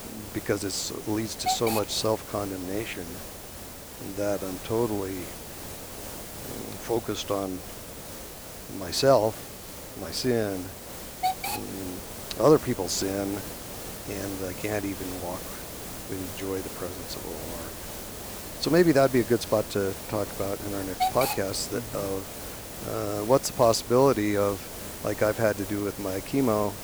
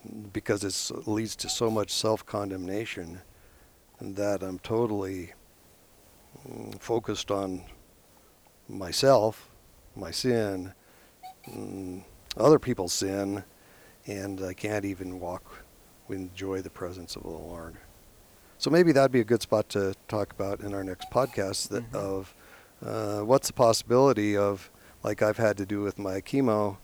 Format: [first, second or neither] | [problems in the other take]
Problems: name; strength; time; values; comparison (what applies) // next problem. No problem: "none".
second | hiss; loud; throughout; 9 dB below the speech; faint in the second